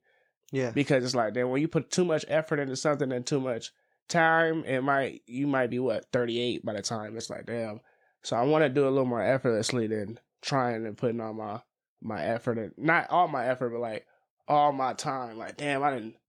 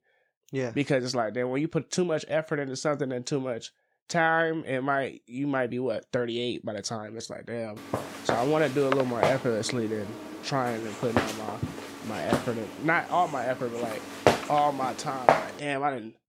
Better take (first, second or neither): first